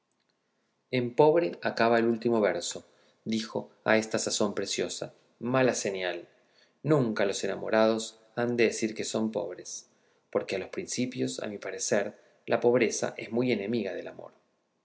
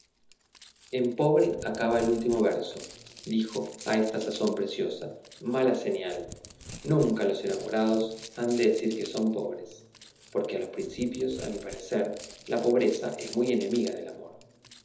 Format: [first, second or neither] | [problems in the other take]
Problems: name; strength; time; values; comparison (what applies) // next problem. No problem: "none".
first | background sound (Crumpling, crinkling); 19 dB below the speech // room echo; dies away in 1.2 s